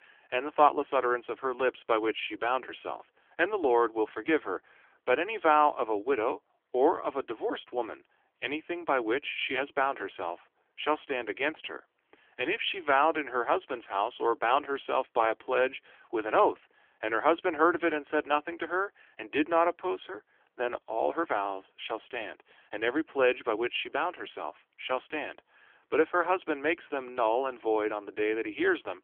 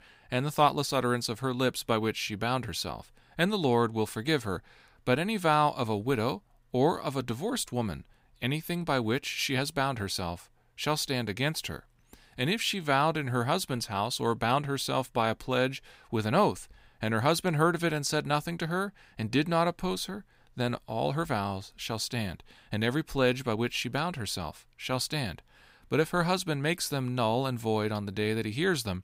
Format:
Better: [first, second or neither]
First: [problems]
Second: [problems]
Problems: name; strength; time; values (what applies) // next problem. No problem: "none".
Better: second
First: phone-call audio; nothing above 3.5 kHz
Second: none